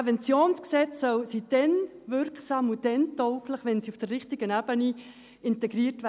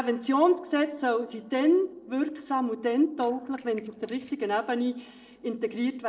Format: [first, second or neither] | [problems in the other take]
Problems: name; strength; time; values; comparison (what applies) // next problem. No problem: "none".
first | noise reduction (neural separator model SepFormer DNS4)